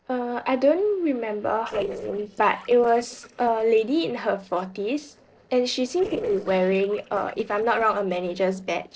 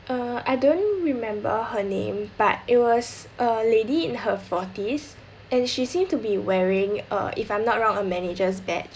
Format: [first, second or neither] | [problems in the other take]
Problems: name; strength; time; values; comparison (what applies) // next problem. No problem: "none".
second | noise reduction (neural separator model SepFormer DNS4)